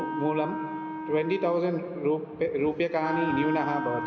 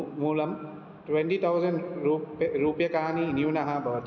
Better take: second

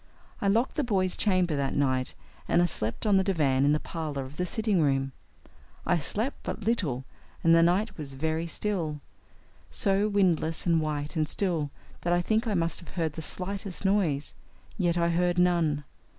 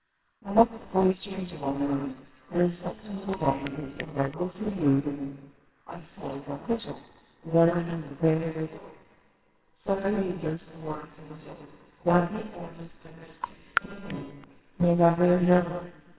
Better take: first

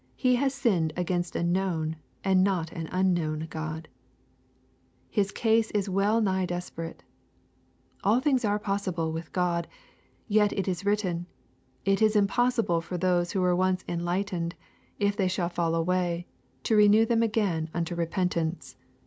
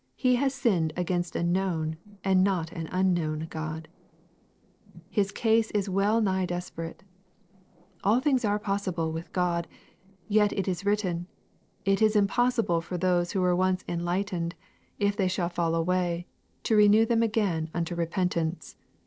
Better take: first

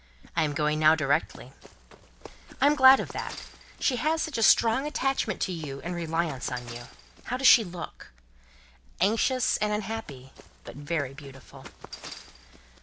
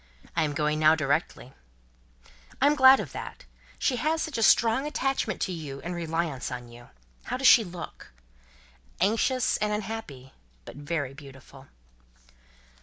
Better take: second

